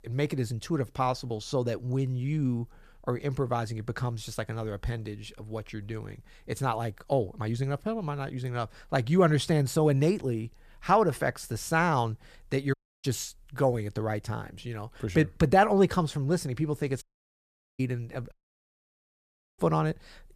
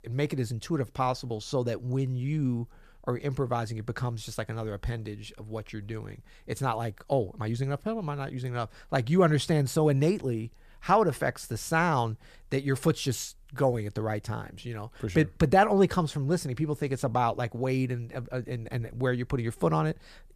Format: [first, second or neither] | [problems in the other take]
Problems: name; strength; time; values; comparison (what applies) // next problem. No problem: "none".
second | audio cutting out; at 13 s, at 17 s for 1 s and at 18 s for 1.5 s